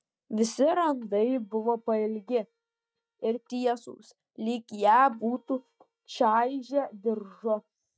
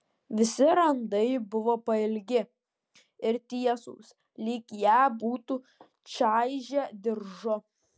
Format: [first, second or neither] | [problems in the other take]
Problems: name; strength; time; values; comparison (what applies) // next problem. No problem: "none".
second | noise reduction (neural mask model DeepFilterNet 3)